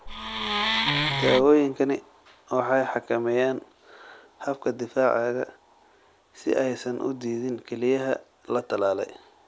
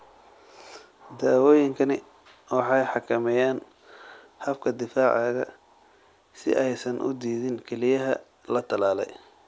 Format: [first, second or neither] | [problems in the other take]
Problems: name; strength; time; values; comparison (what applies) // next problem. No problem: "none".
second | background sound (Wood); as loud as the speech